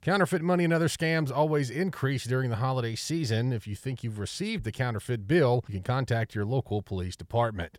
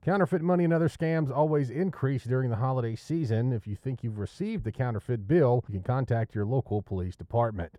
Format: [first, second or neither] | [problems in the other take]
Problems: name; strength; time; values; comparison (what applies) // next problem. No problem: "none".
first | muffled; slightly; fading above 2 kHz